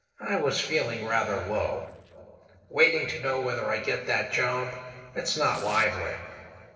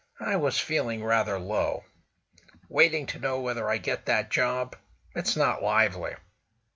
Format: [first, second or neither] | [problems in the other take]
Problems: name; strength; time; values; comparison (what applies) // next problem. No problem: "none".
second | noise reduction (neural separator model SepFormer DNS4)